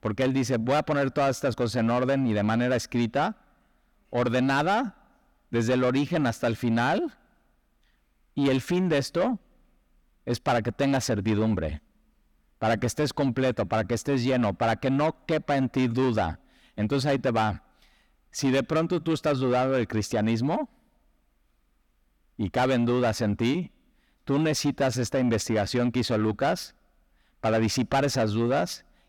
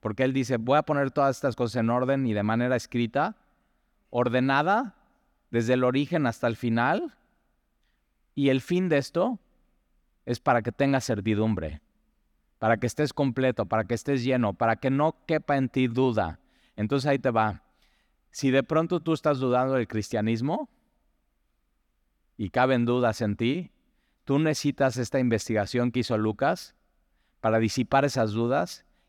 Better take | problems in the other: second | distortion; slight; 10 dB below the speech

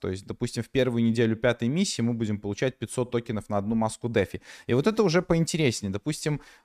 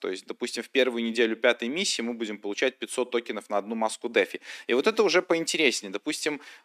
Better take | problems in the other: first | thin; somewhat; fading below 250 Hz

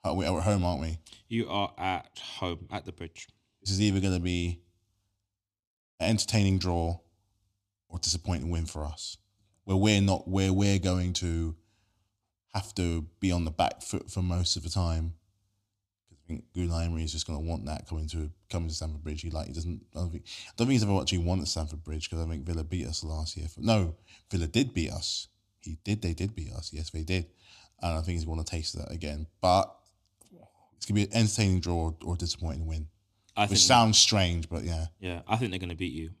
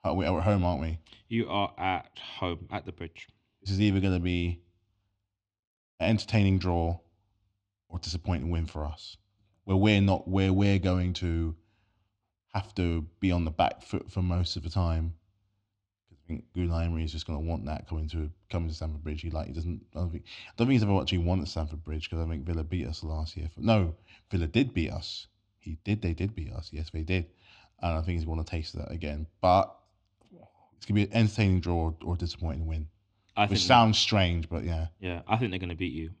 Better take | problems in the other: first | muffled; slightly; fading above 2.5 kHz

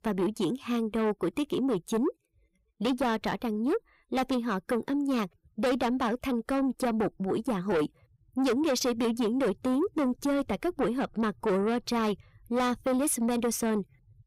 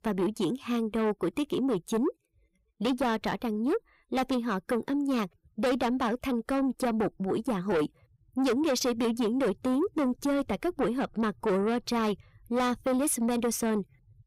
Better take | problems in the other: neither | distortion; heavy; 8 dB below the speech; the same in both

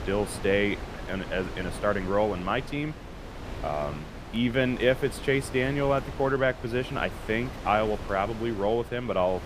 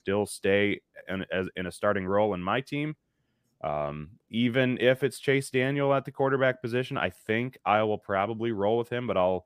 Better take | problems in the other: second | wind noise on the microphone; occasional gusts; 15 dB below the speech

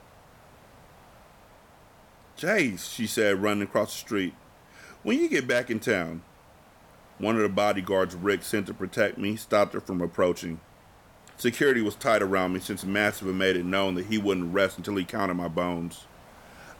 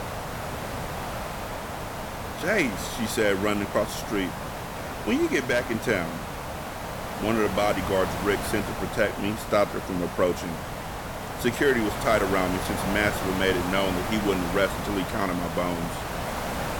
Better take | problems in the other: first | hiss; loud; throughout; 6 dB below the speech; faint in the first

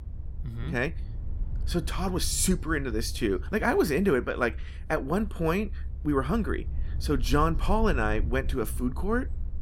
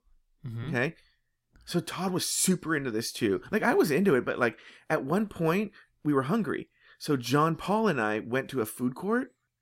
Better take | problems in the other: second | low rumble; faint; throughout; 25 dB below the speech

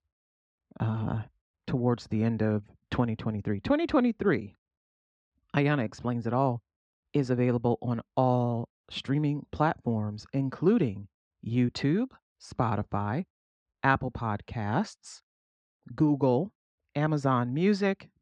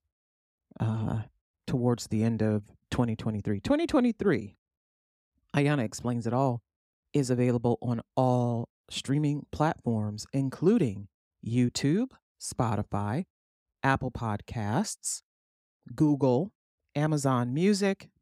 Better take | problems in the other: second | muffled; slightly; fading above 4.5 kHz

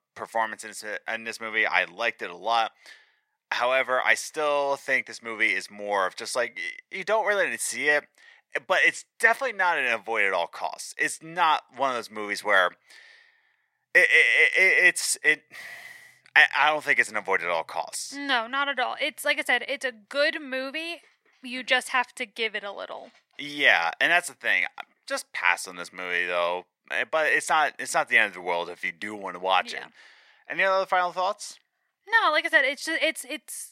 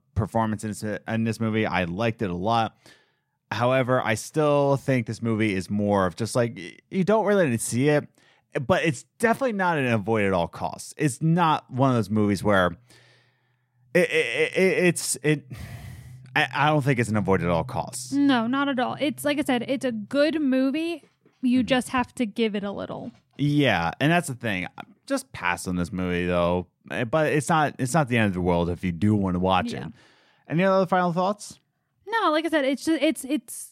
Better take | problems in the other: second | thin; very; fading below 700 Hz

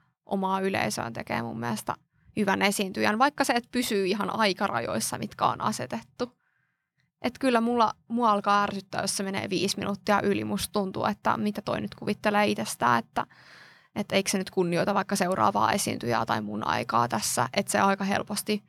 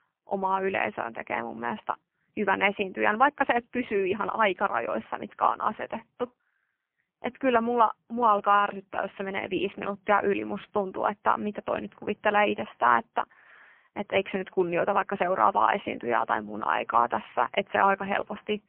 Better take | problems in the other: first | phone-call audio; poor line; nothing above 3 kHz

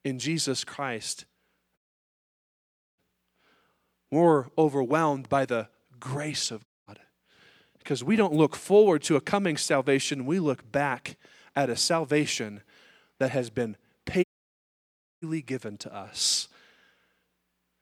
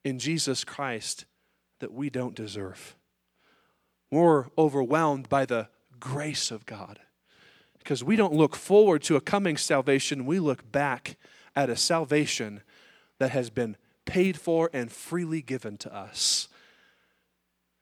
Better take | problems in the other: second | audio cutting out; at 2 s for 1 s, at 6.5 s and at 14 s for 1 s

